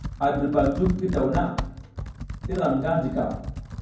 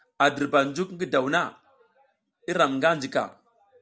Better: second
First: background sound (Computer keyboard); 7 dB below the speech // room echo; dies away in 0.9 s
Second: none

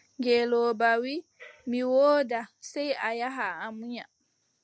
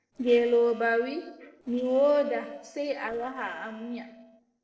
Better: first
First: none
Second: noise reduction (neural separator model SepFormer DNS4)

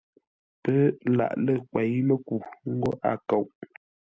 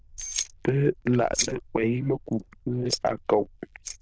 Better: first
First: none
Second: noise reduction (neural diffusion model UNIVERSE++)

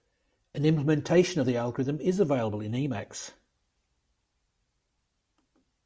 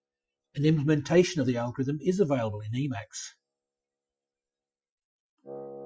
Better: first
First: none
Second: noise reduction (classical method Wiener filter)

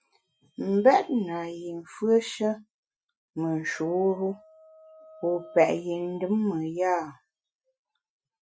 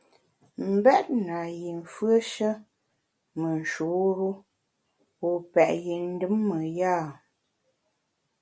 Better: second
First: noise reduction (classical method Wiener filter)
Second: none

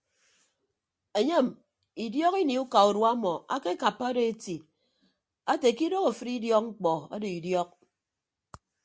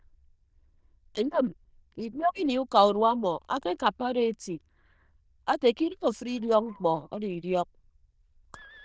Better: first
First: none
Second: noise reduction (neural diffusion model UNIVERSE++)

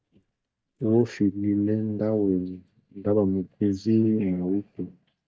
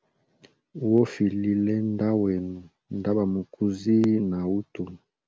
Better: second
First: noise reduction (neural mask model DeepFilterNet 3)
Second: none

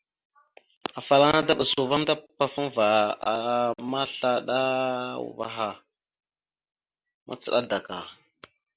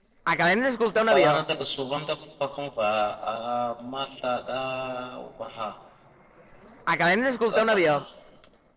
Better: first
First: none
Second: noise reduction (neural separator model SepFormer DNS4)

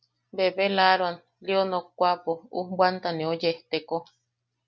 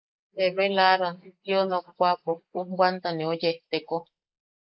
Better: first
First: none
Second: noise reduction (neural mask model Resemble Enhance denoiser)

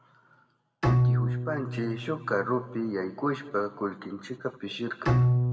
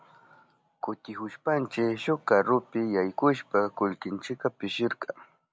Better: second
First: background sound (Bowed string instrument); 4 dB above the speech // room echo; dies away in 1.1 s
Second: none

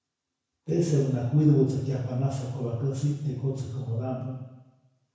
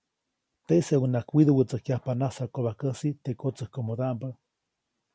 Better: second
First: room echo; dies away in 1 s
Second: none

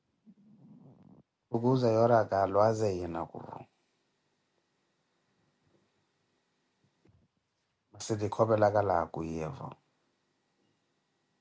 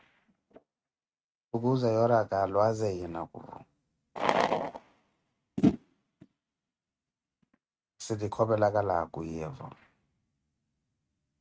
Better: first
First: none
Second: noise reduction (neural mask model RNNoise)

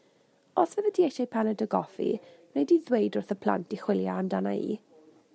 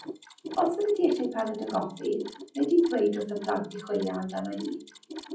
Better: first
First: none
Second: noise reduction (classical method WPE with log-MMSE)

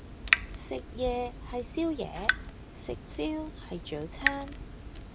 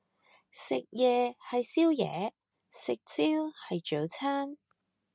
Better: second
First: background sound (Drip / Water tap, faucet); 2 dB above the speech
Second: none

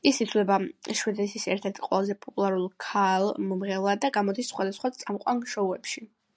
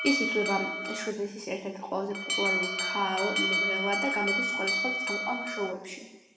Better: first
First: none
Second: background sound (Alarm); 1 dB above the speech // room echo; dies away in 1.1 s

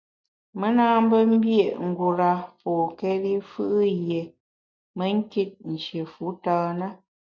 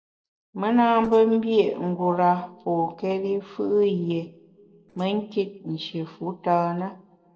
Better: first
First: none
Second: noise reduction (neural separator model SepFormer DNS4)

